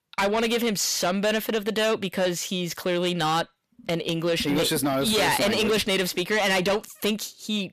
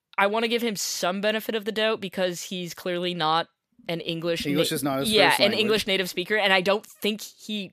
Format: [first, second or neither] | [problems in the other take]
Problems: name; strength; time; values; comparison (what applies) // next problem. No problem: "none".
second | distortion; heavy; 7 dB below the speech